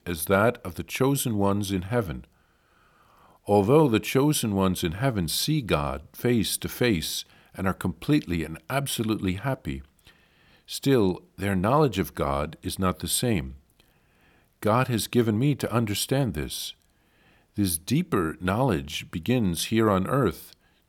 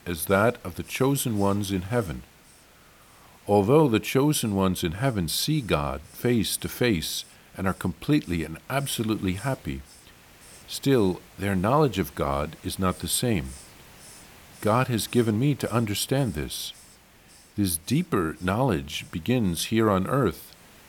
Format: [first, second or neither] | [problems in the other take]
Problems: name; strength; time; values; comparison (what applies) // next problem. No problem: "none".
first | hiss; faint; throughout; 25 dB below the speech